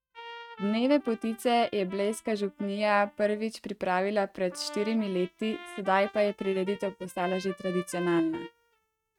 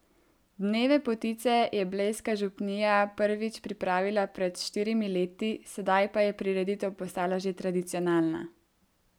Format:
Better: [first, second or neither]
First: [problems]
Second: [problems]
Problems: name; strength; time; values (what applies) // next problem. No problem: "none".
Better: second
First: noise reduction (neural mask model RNNoise)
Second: none